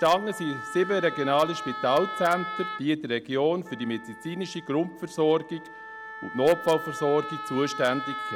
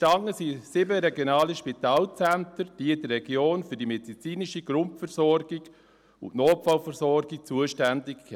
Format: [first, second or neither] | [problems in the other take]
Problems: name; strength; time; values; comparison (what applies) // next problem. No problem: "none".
second | background sound (Wind instrument, woodwind instrument); 10 dB below the speech